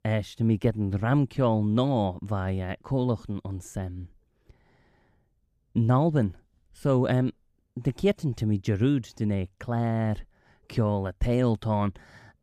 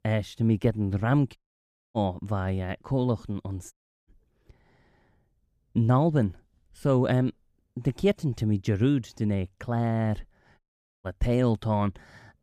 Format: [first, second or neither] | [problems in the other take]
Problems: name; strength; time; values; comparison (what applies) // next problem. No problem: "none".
first | audio cutting out; at 1.5 s for 0.5 s, at 3.5 s and at 11 s